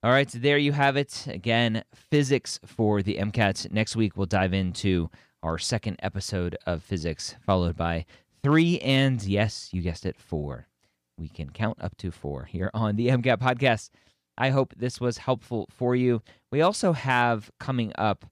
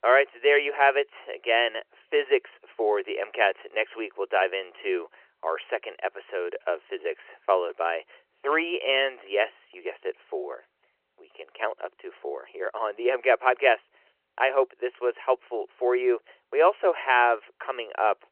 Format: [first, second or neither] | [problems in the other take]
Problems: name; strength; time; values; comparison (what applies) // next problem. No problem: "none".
first | phone-call audio; nothing above 3 kHz